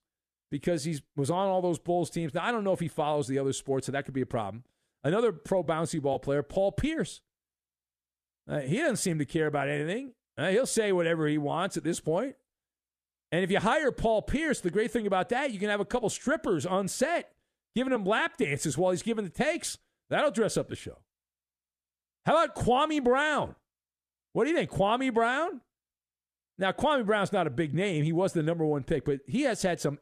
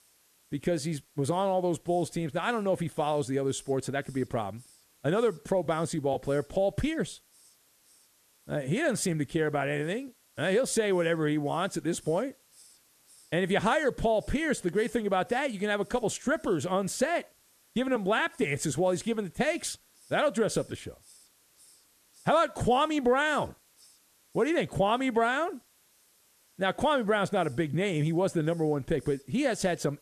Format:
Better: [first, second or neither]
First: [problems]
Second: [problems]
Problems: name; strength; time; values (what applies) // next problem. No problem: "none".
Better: first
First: none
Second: hiss; faint; throughout; 30 dB below the speech